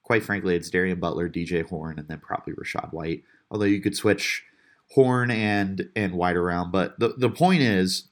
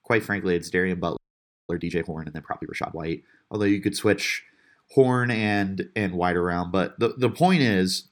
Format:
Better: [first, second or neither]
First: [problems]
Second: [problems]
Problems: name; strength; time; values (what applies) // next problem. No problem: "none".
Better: first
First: none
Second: audio freezing; at 1 s for 0.5 s